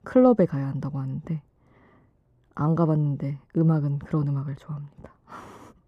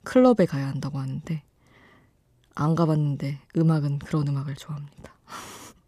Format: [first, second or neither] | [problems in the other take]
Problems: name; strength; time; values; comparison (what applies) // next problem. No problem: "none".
second | muffled; very; fading above 2 kHz